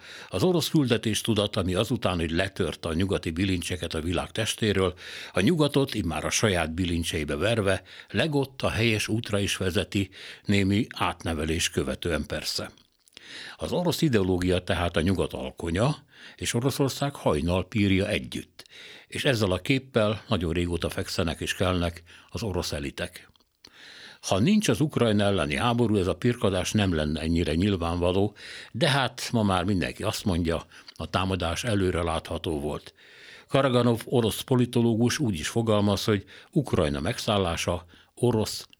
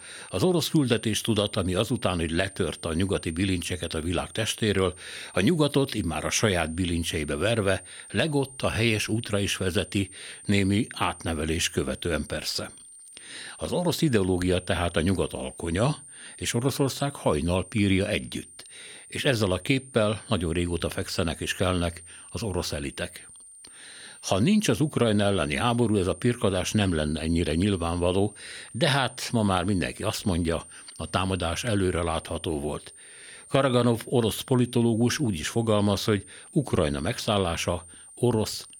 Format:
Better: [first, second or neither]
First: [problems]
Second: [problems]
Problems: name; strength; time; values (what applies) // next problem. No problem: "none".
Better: first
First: none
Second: high-pitched whine; noticeable; throughout; 9 kHz, 20 dB below the speech